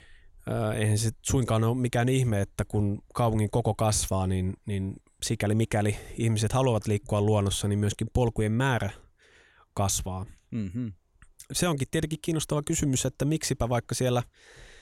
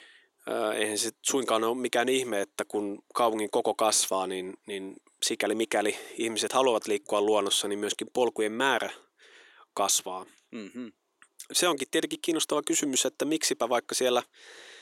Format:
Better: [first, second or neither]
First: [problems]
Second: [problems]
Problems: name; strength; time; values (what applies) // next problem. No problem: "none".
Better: first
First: none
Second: thin; somewhat; fading below 300 Hz